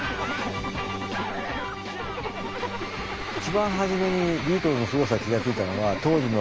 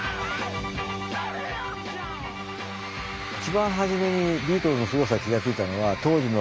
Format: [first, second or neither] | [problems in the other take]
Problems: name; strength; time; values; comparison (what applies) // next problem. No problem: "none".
second | background sound (Zipper (clothing)); 9 dB below the speech